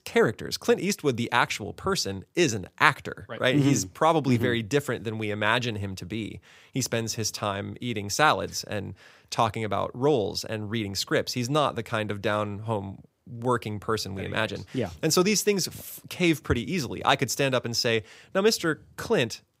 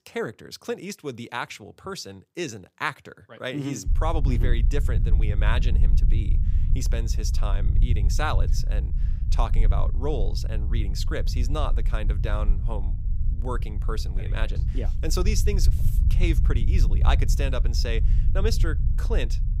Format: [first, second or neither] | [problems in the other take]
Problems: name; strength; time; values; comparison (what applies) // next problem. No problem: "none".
first | low rumble; noticeable; from 4 s on; 10 dB below the speech